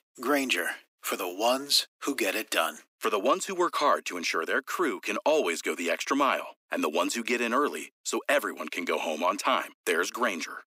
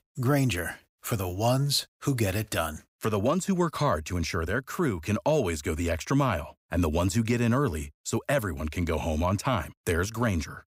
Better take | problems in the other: second | thin; somewhat; fading below 250 Hz

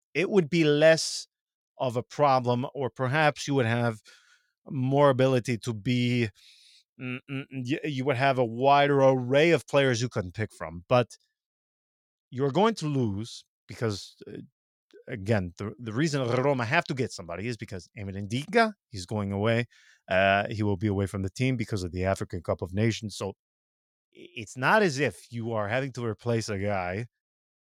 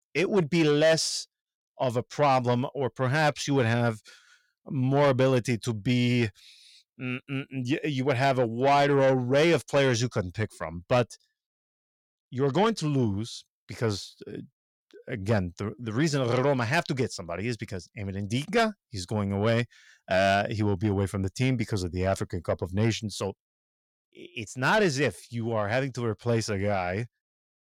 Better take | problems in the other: first | distortion; slight; 10 dB below the speech

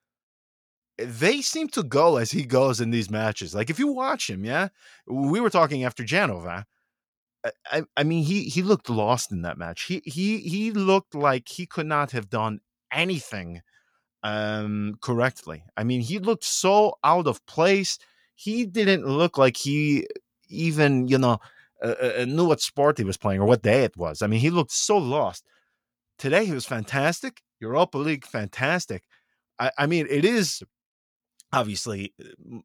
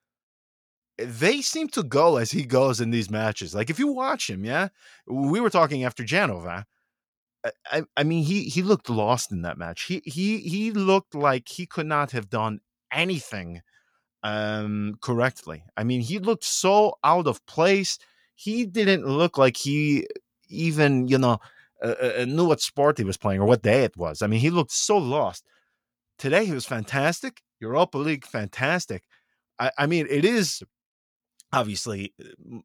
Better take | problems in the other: neither | none

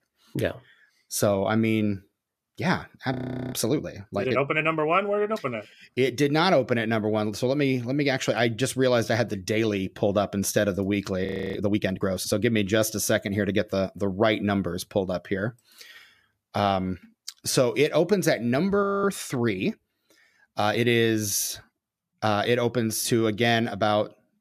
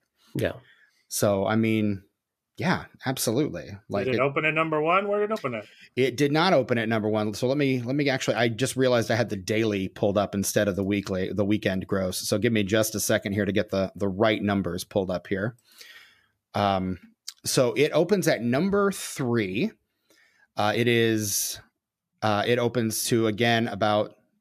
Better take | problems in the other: second | audio freezing; at 3 s, at 11 s and at 19 s

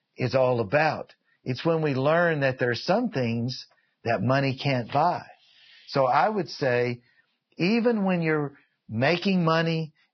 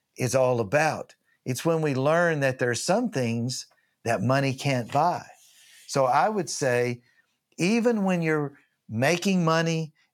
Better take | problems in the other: second | garbled, watery; badly; nothing above 5.5 kHz

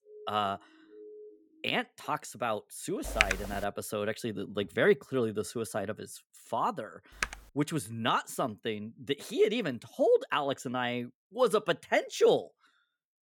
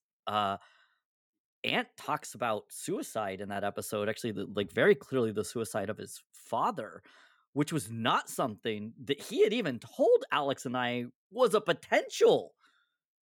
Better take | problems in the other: second | siren; faint; until 1.5 s; peak 20 dB below the speech // keyboard typing; loud; at 3 s; peak 3 dB above the speech // keyboard typing; noticeable; at 7 s; peak 5 dB below the speech

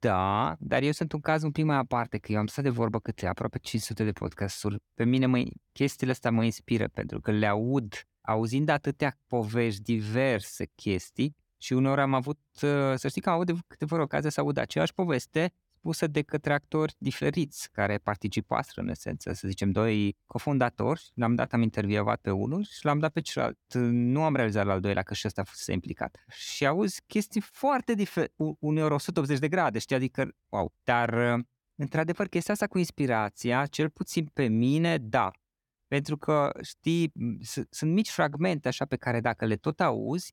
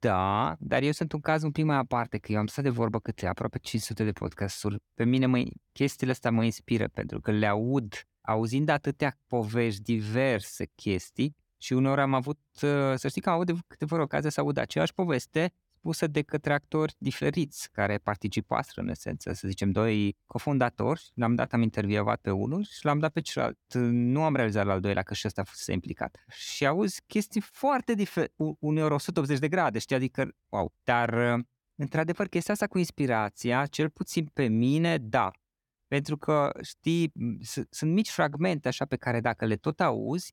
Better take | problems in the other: neither | none

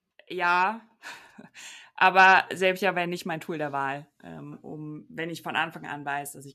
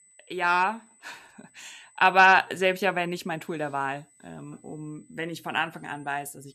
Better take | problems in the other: first | high-pitched whine; faint; throughout; 8 kHz, 35 dB below the speech

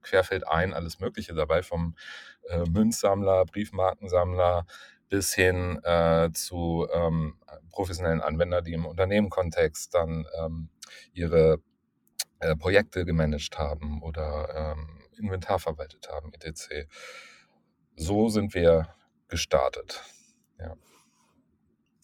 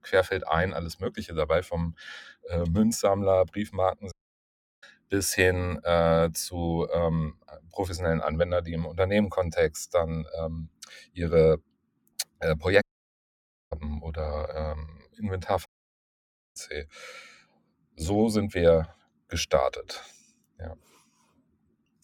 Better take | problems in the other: first | audio cutting out; at 4 s for 0.5 s, at 13 s for 1 s and at 16 s for 1 s

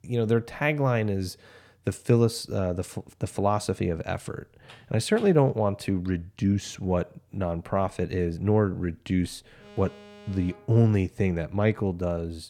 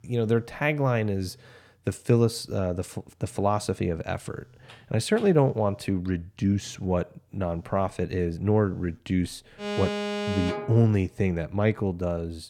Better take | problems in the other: first | alarms or sirens; loud; throughout; 5 dB below the speech; faint in the first

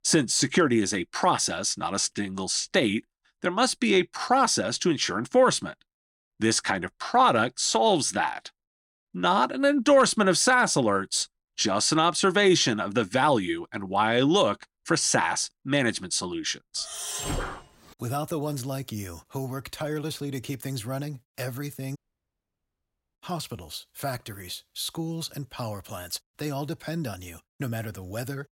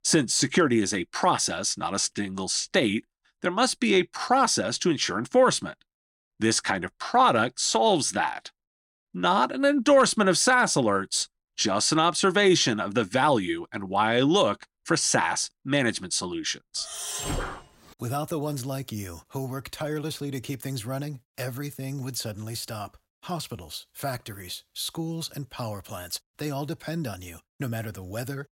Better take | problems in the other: second | audio cutting out; at 22 s for 1 s

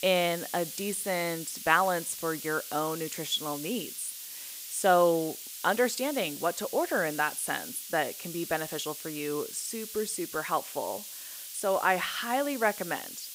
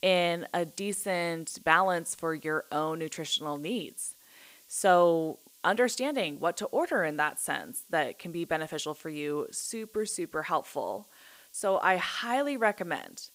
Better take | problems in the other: second | hiss; loud; throughout; 9 dB below the speech; faint in the second

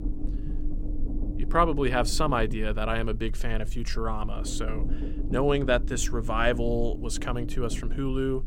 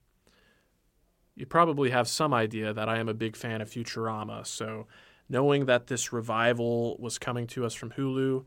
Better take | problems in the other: second | low rumble; noticeable; throughout; 15 dB below the speech

